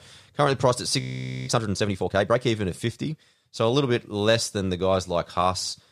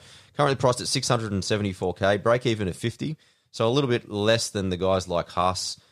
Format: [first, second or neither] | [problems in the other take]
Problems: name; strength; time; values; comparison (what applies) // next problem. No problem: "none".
second | audio freezing; at 1 s